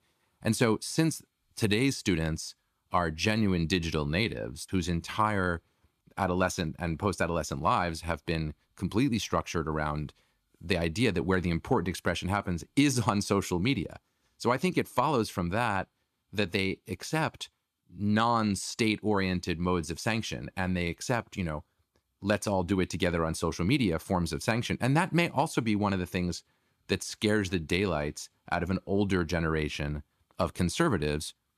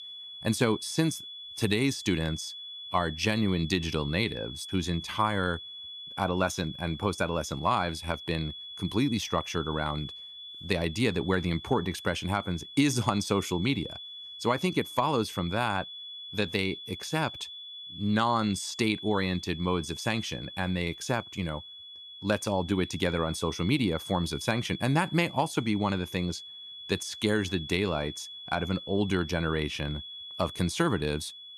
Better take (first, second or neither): first